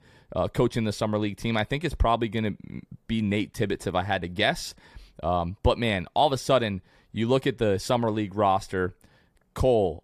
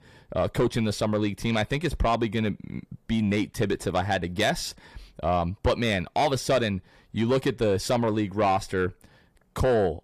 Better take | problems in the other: first | distortion; slight; 10 dB below the speech

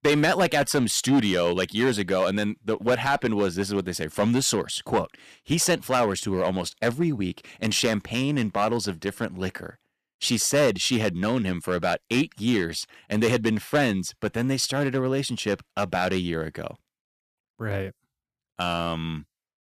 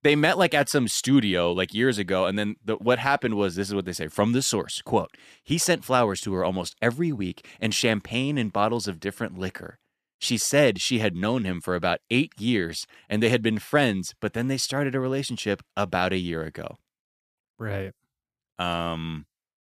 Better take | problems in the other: second | distortion; slight; 3% of the sound clipped

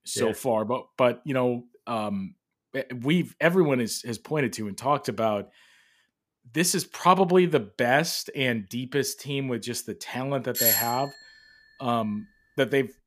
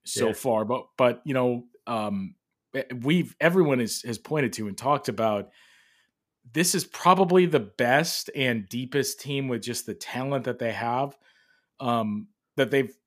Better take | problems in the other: second | doorbell; loud; at 11 s; peak 5 dB above the speech

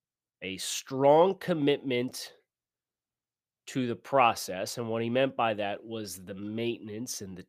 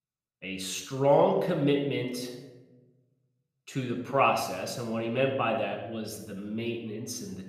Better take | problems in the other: first | room echo; slight; dies away in 0.8 s // off-mic speech; somewhat distant

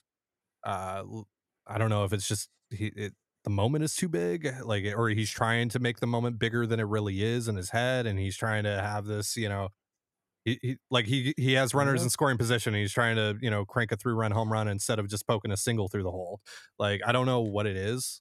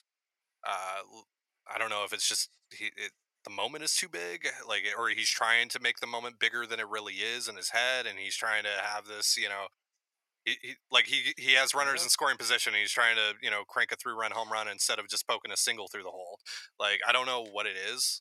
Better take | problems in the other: first | thin; very; fading below 850 Hz

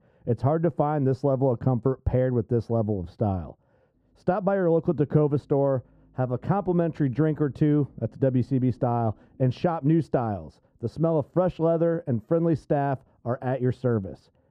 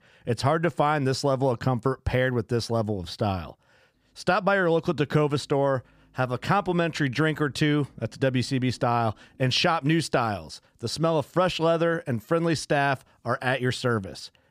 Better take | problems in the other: second | muffled; very; fading above 1.5 kHz

